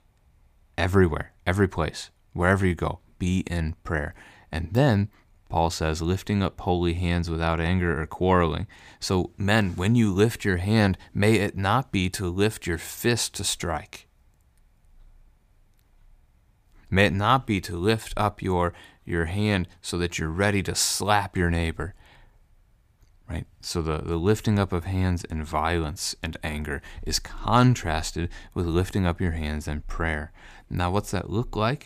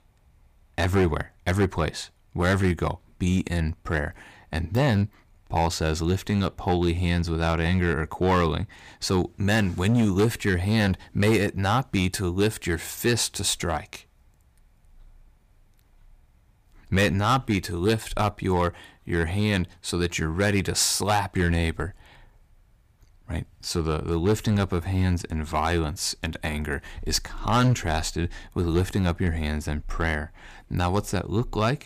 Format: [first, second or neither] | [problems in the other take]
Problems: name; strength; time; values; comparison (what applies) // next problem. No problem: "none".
first | distortion; slight; 4% of the sound clipped